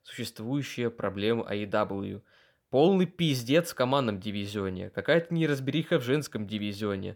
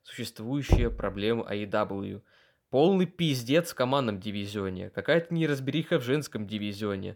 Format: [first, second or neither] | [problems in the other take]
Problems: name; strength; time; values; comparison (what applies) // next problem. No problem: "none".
first | door banging; loud; at 0.5 s; peak 1 dB above the speech